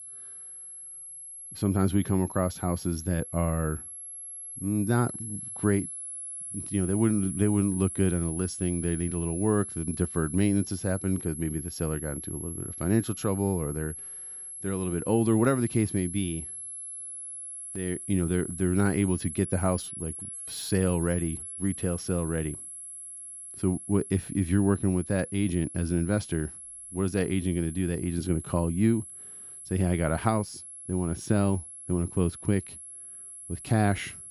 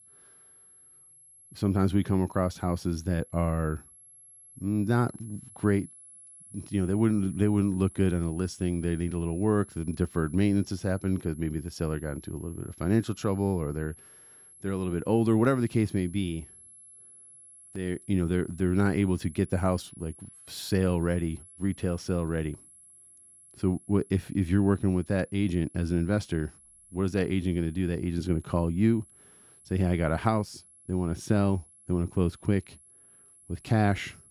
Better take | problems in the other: second | high-pitched whine; loud; throughout; 11 kHz, 9 dB below the speech; faint in the second

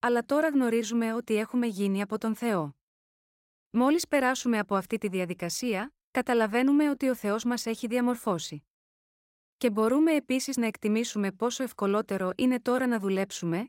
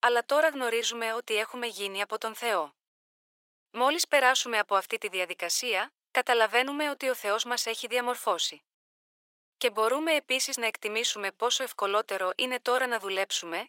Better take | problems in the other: first | thin; very; fading below 550 Hz

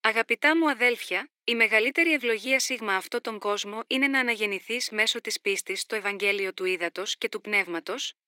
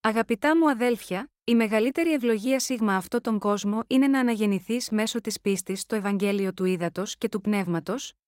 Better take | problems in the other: second | thin; somewhat; fading below 300 Hz

